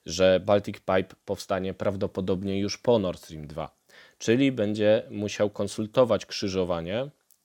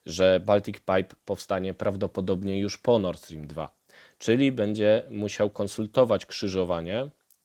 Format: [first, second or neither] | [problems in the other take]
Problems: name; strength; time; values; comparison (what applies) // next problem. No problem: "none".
first | garbled, watery; slightly; nothing above 17 kHz